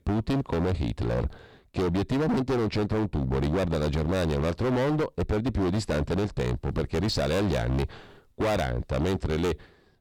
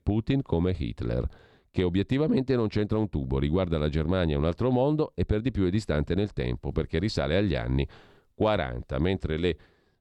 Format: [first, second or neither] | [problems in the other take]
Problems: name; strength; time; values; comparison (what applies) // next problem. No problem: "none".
second | distortion; heavy; 27% of the sound clipped